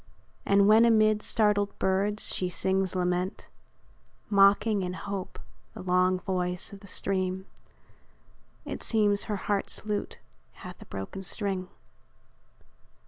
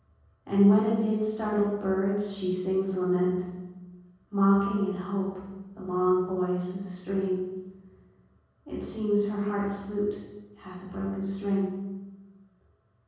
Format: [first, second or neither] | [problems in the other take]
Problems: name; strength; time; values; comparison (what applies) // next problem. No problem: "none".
first | room echo; dies away in 1.3 s